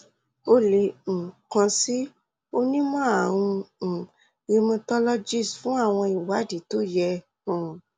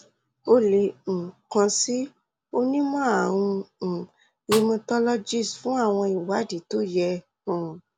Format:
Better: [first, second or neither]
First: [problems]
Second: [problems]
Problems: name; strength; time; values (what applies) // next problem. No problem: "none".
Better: first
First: none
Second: background sound (Snare drum); 10 dB below the speech